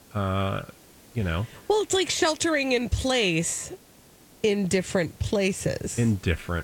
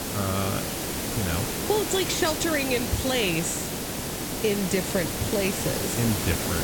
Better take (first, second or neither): first